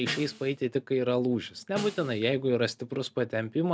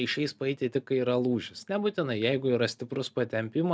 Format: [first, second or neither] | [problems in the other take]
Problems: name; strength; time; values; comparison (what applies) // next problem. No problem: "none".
second | background sound (Snare drum); 17 dB below the speech